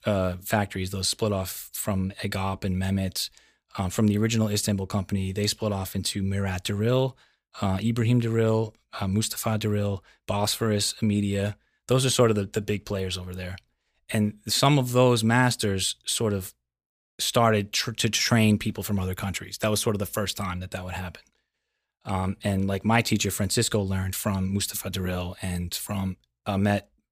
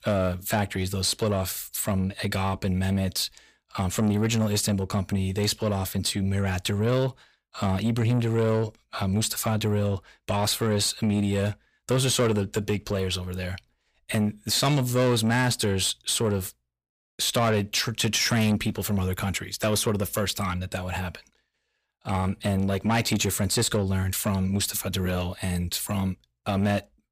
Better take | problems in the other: first | distortion; slight; 10 dB below the speech

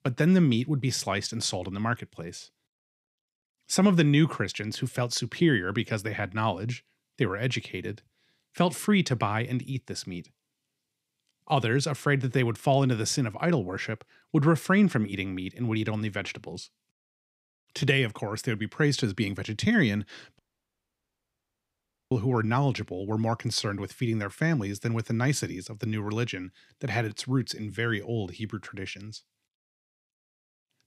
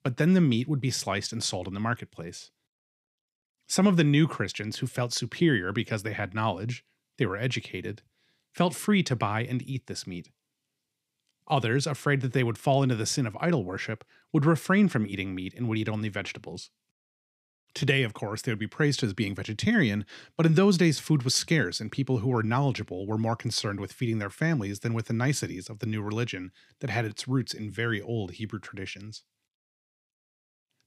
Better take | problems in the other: second | audio cutting out; at 20 s for 1.5 s

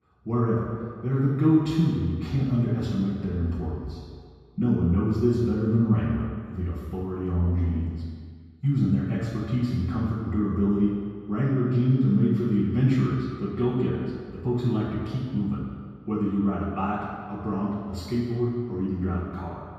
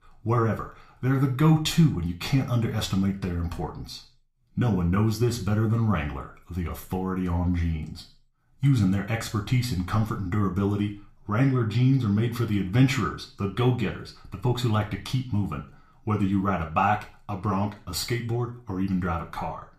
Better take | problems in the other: second | room echo; strong; dies away in 2 s; slight in the second // off-mic speech; far; somewhat distant in the second

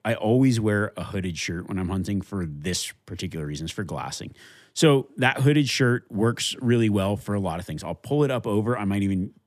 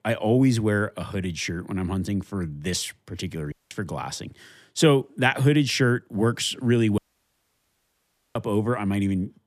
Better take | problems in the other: first | audio cutting out; at 3.5 s and at 7 s for 1.5 s

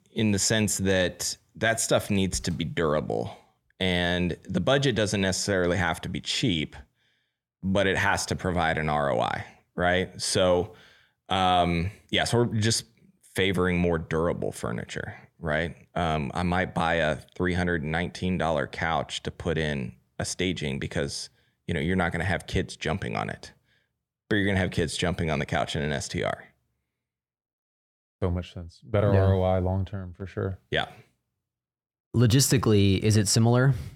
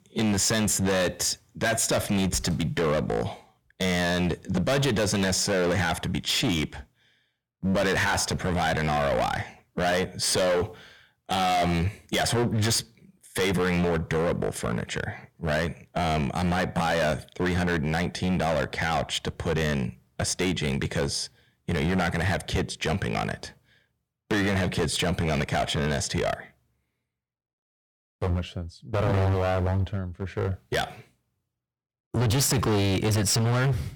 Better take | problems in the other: first | distortion; heavy; 17% of the sound clipped

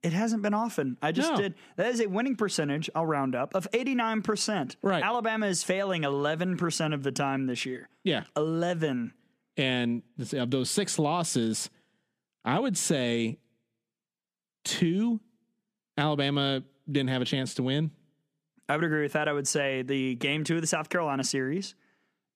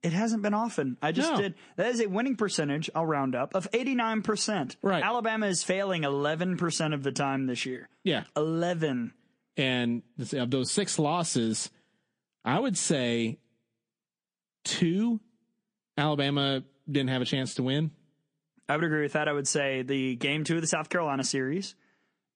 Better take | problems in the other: first | garbled, watery; slightly; nothing above 9.5 kHz

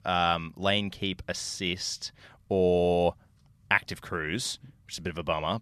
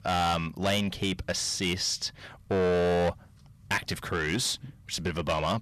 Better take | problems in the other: first | distortion; heavy; 6 dB below the speech

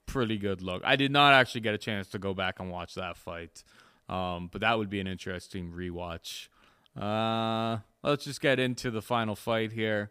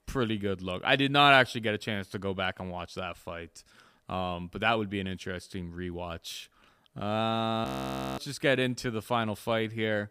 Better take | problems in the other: first | audio freezing; at 7.5 s for 0.5 s

